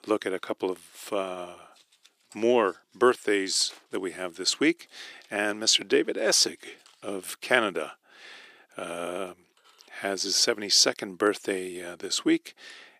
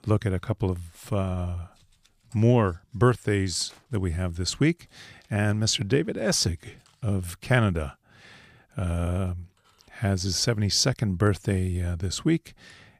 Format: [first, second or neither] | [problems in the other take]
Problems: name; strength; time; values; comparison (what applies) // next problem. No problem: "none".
second | thin; very; fading below 300 Hz